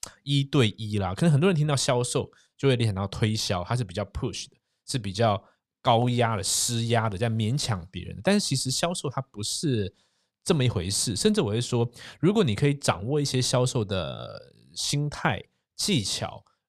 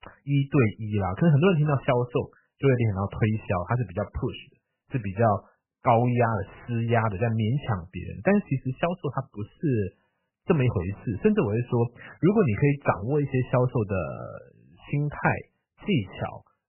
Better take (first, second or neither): first